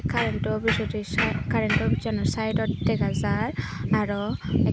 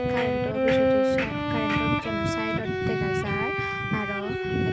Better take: first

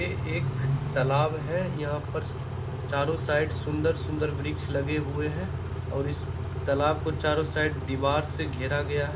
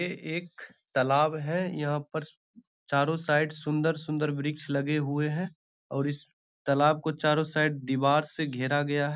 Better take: second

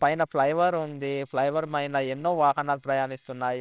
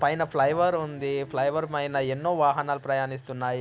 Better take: second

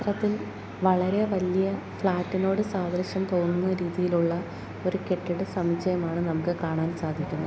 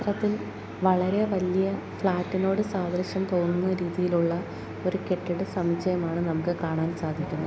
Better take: first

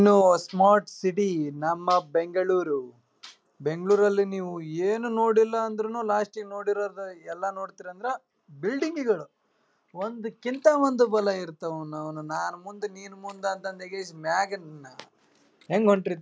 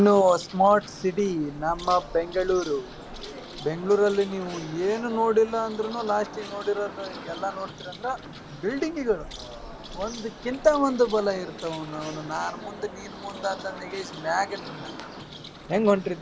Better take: first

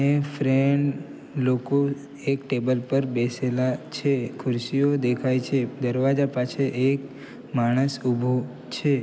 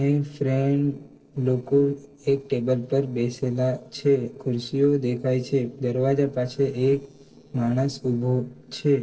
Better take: first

